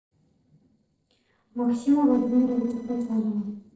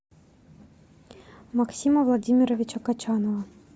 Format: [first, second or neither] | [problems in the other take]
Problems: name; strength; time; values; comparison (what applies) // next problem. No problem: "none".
second | noise reduction (neural separator model SepFormer DNS4)